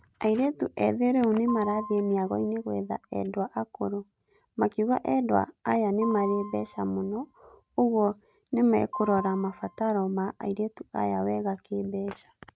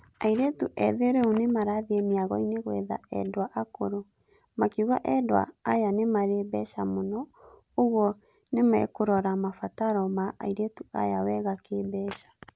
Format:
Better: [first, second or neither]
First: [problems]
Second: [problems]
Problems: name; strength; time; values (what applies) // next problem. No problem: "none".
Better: second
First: noise reduction (neural mask model RNNoise)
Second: none